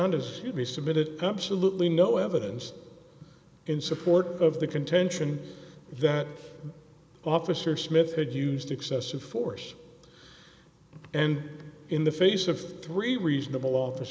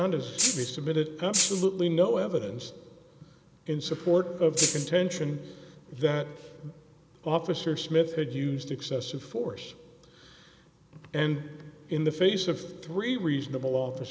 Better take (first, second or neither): first